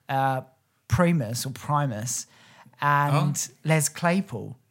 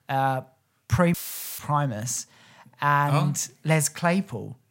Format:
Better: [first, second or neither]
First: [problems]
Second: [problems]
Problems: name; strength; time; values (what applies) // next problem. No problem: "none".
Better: first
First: none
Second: audio cutting out; filled with static; at 1 s